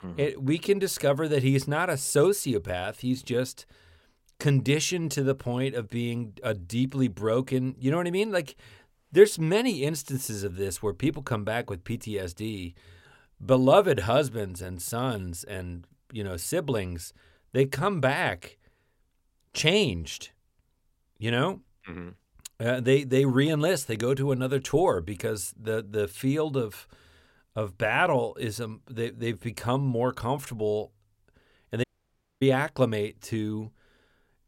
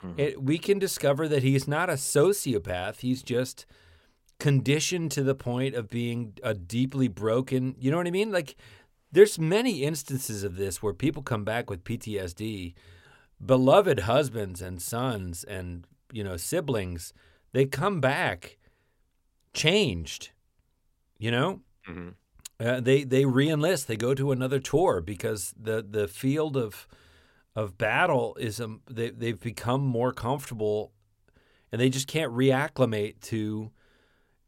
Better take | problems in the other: second | audio cutting out; at 32 s for 0.5 s

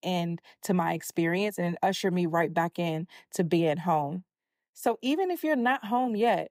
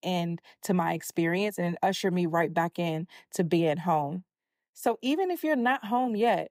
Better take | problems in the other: neither | none

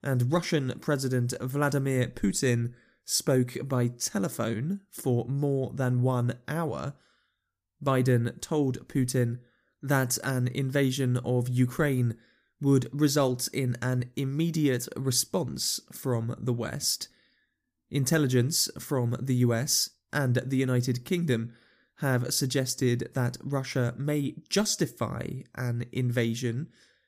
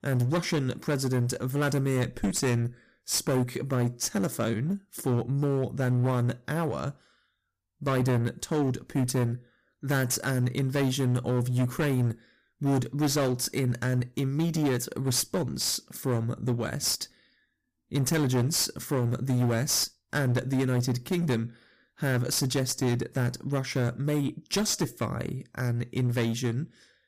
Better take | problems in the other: first | distortion; slight; 13% of the sound clipped

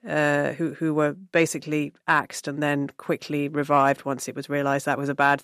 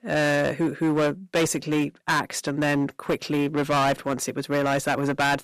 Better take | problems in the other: first | distortion; heavy; 13% of the sound clipped

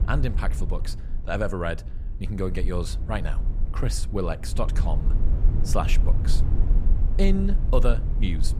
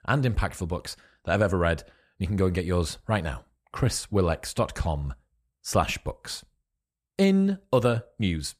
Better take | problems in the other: second | low rumble; noticeable; throughout; 10 dB below the speech

